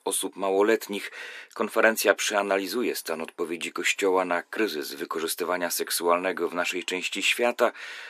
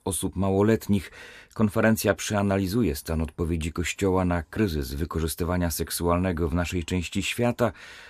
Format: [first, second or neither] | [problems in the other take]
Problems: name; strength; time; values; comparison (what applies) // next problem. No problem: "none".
second | thin; somewhat; fading below 300 Hz